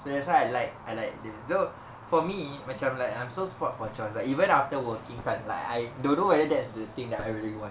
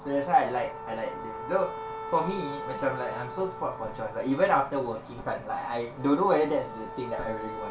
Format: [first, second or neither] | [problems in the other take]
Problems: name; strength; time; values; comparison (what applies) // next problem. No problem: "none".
first | background sound (Wind instrument, woodwind instrument); 11 dB below the speech // room echo; dies away in 0.2 s